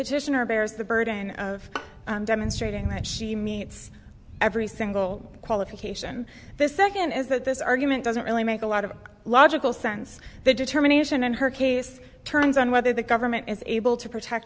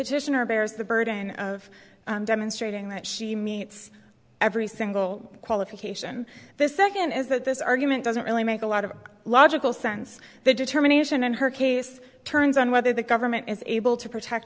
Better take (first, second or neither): second